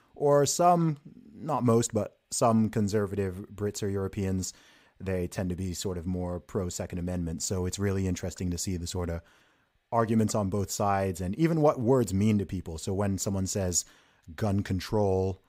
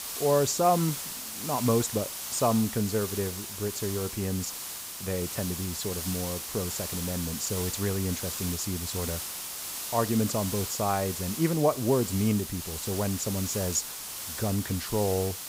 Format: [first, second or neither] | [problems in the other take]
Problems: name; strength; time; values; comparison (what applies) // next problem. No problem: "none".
first | hiss; loud; throughout; 5 dB below the speech